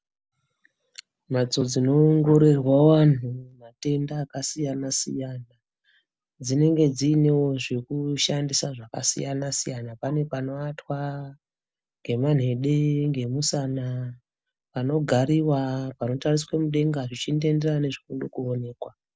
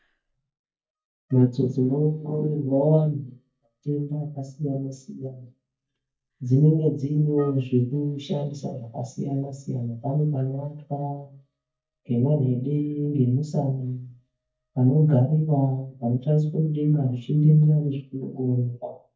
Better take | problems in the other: first | noise reduction (neural mask model DeepFilterNet 3)

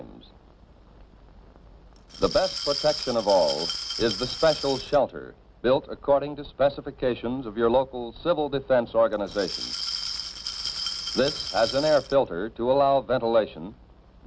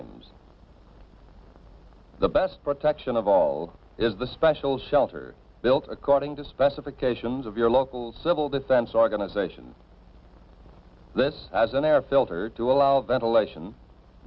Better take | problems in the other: second | background sound (Glass); 7 dB below the speech

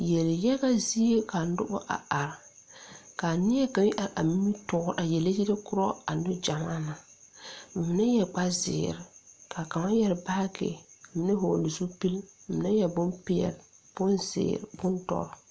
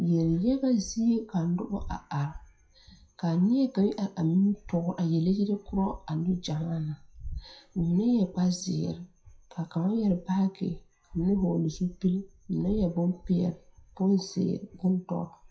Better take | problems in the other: first | noise reduction (classical method WPE with log-MMSE)

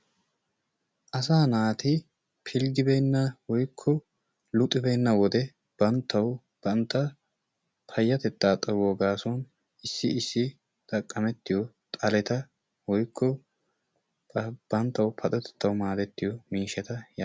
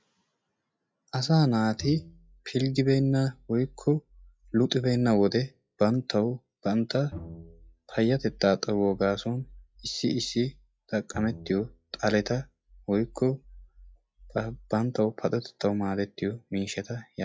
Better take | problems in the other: first | noise reduction (classical method log-MMSE)

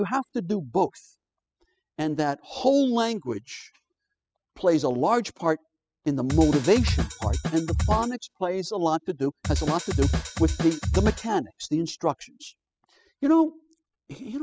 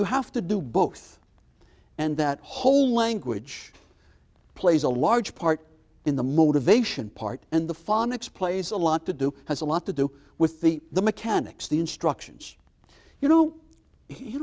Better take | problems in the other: second | noise reduction (classical method spectral subtraction)

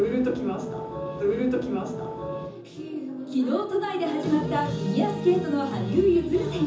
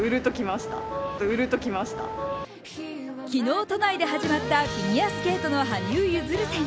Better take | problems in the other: second | room echo; dies away in 0.6 s

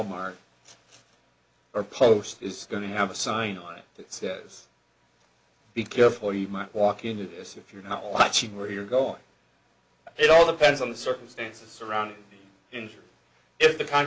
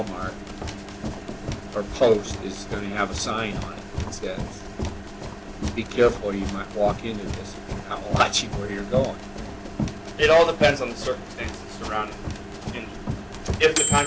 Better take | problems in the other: first | background sound (Run + Microwave oven); 5 dB below the speech

